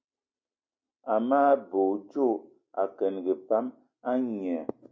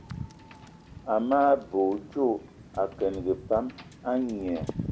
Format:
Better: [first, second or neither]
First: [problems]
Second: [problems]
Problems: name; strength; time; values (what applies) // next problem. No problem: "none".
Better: first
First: none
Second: background sound (Wind / Boat, Water vehicle); 13 dB below the speech